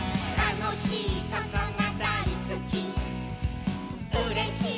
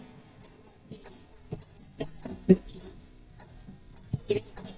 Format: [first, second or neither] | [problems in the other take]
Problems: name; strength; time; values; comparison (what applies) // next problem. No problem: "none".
first | noise reduction (neural mask model DeepFilterNet 3)